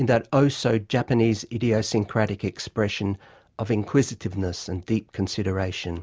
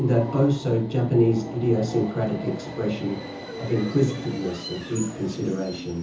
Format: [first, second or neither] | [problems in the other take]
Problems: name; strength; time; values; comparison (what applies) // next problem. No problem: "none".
first | background sound (Subway, metro, underground); 12 dB below the speech // room echo; dies away in 0.6 s